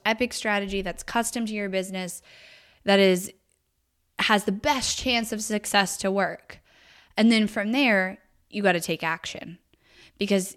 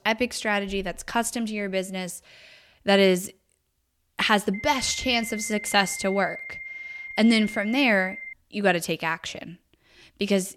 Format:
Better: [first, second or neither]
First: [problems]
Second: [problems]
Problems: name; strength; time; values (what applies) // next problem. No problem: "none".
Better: first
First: none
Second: high-pitched whine; noticeable; from 4.5 to 8.5 s; 2 kHz, 10 dB below the speech